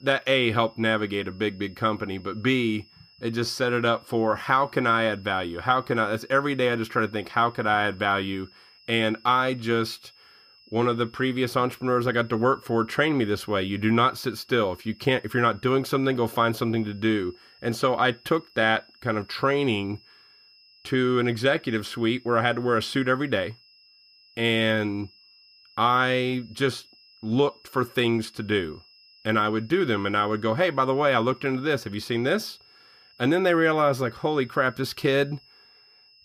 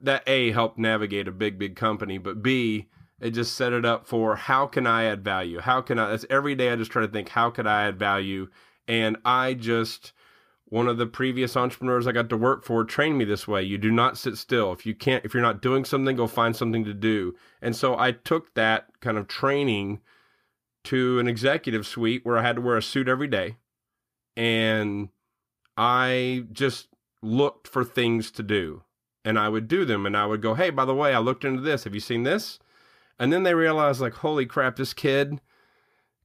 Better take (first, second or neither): second